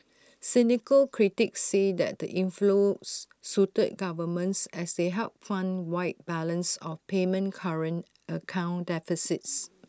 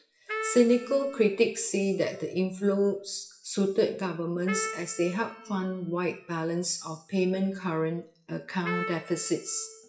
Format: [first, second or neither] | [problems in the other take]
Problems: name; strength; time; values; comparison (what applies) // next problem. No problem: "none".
first | noise reduction (classical method WPE with log-MMSE)